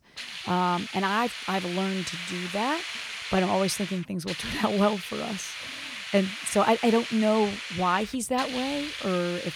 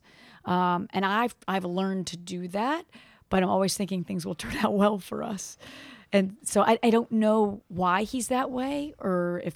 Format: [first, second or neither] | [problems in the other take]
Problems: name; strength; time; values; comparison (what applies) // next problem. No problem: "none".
second | hiss; loud; throughout; 7 dB below the speech